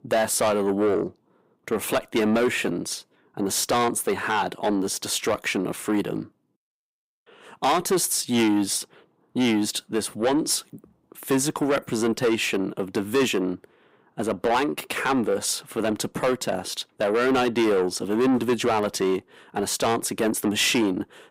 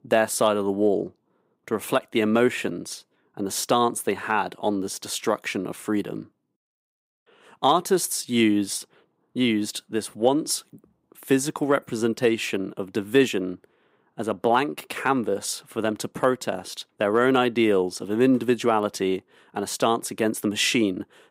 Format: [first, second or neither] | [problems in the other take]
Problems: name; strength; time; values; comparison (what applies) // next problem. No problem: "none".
second | distortion; heavy; 8 dB below the speech